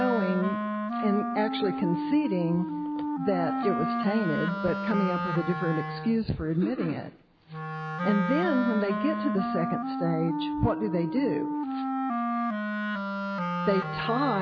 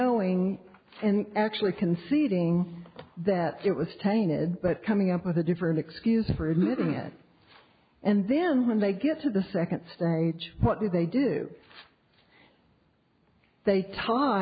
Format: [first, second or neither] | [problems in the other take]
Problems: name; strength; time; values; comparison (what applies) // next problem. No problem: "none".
second | background sound (Wind instrument, woodwind instrument); 2 dB below the speech